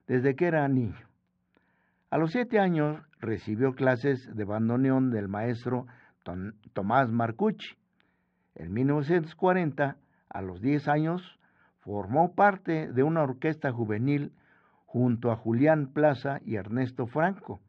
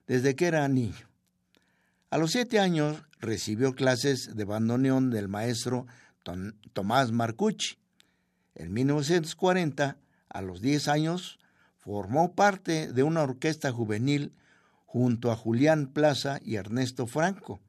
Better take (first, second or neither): second